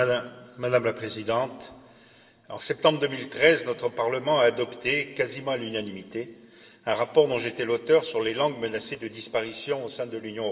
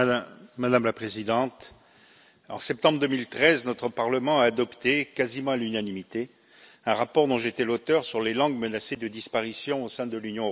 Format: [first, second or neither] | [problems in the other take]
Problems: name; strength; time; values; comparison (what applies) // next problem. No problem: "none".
second | room echo; dies away in 2.2 s